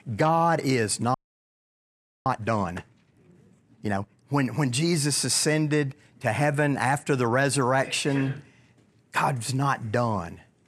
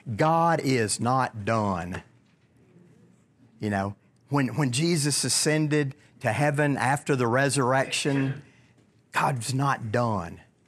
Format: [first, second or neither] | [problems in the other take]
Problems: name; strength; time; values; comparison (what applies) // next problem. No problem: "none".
second | audio freezing; at 1 s for 1 s